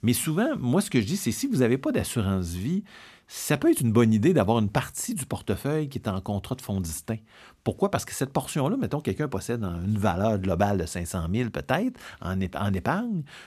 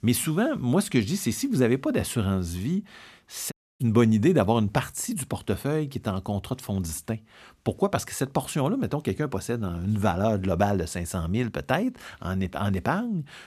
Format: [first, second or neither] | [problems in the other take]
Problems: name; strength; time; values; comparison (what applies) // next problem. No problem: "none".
first | audio cutting out; at 3.5 s